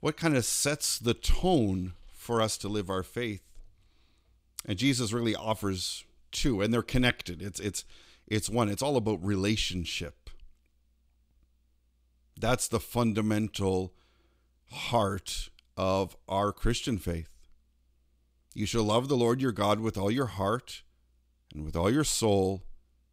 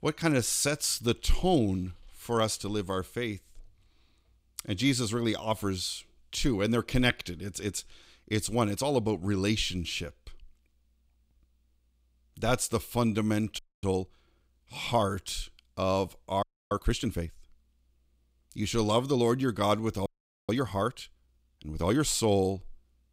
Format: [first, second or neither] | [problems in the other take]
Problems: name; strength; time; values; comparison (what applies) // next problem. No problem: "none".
first | audio freezing; at 14 s, at 16 s and at 20 s